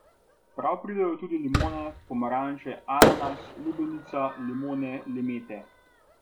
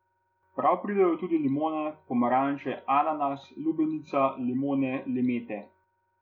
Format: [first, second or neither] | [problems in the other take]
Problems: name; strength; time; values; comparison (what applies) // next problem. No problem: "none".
second | background sound (Fireworks); 1 dB above the speech